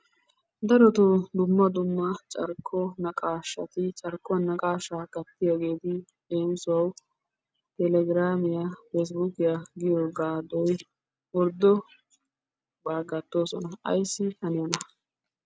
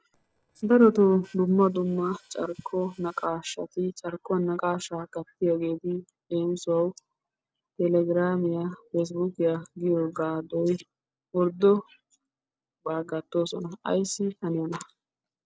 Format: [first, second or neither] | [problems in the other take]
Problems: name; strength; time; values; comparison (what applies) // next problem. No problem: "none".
first | noise reduction (neural separator model SepFormer DNS4)